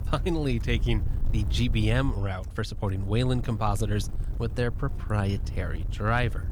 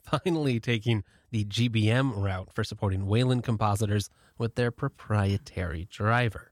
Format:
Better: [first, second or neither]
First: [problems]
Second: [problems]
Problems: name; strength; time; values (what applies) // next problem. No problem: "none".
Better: second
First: wind noise on the microphone; occasional gusts; 15 dB below the speech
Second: none